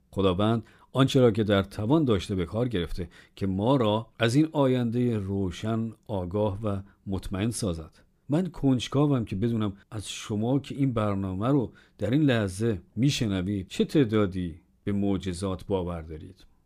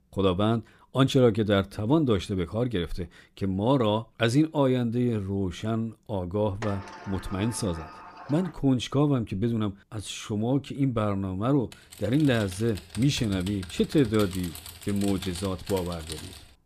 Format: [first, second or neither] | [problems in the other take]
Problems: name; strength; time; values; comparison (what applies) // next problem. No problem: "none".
first | door banging; faint; from 6.5 to 8.5 s; peak 15 dB below the speech // keyboard typing; faint; from 12 s on; peak 10 dB below the speech